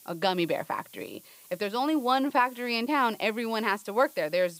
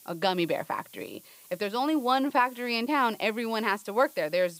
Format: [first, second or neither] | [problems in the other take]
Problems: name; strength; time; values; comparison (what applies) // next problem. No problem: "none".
neither | hiss; faint; throughout; 25 dB below the speech; the same in both